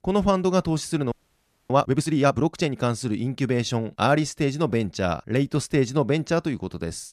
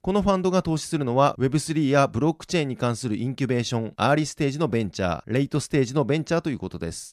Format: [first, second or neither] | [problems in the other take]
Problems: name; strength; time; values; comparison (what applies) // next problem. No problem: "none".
second | audio freezing; at 1 s for 0.5 s